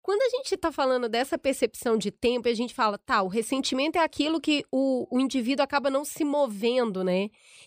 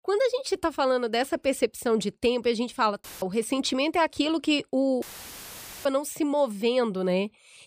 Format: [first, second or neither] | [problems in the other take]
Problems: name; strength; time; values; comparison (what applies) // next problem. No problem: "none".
first | audio cutting out; filled with static; at 3 s and at 5 s for 1 s